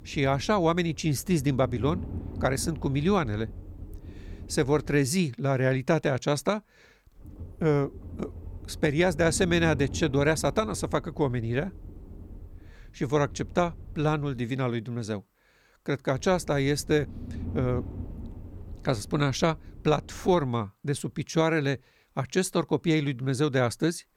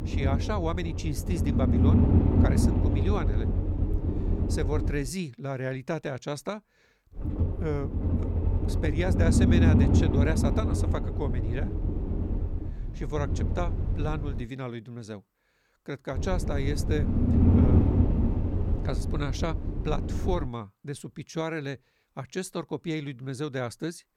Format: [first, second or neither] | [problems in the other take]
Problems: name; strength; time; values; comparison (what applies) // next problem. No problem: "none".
first | low rumble; loud; until 5 s, from 7 to 14 s and from 16 to 20 s; as loud as the speech; faint in the first